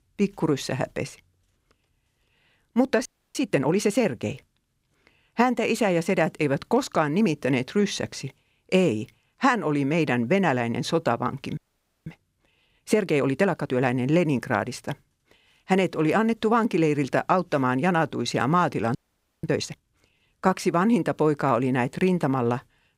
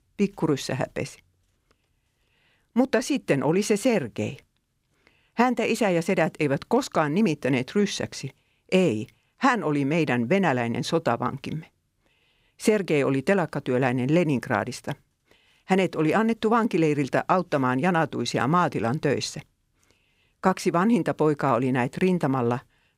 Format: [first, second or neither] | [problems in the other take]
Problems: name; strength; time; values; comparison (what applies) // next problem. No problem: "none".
second | audio freezing; at 3 s, at 12 s and at 19 s